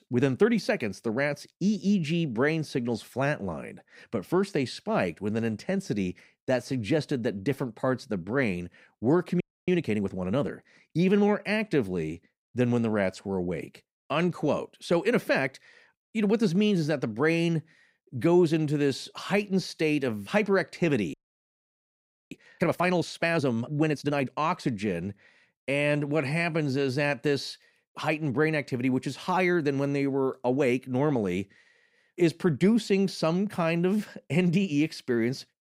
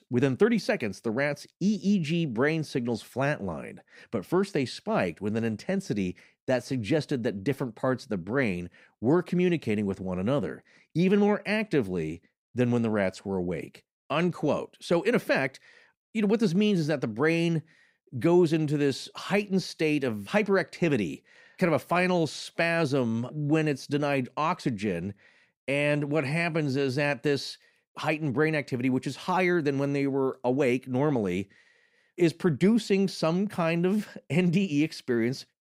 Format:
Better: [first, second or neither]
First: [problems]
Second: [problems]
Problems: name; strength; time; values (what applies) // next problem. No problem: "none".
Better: second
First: audio freezing; at 9.5 s and at 21 s for 1 s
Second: none